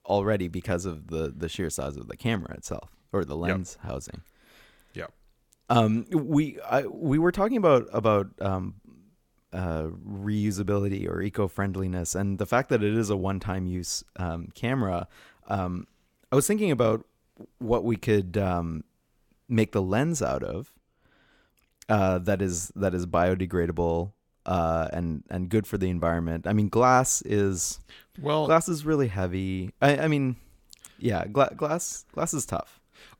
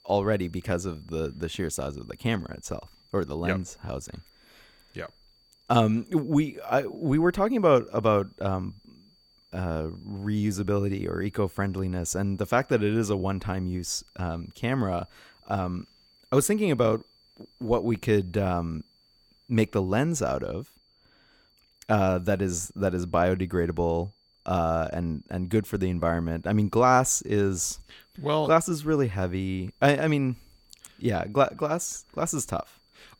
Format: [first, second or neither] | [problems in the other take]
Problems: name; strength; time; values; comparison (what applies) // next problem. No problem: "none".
first | high-pitched whine; faint; throughout; 4.5 kHz, 35 dB below the speech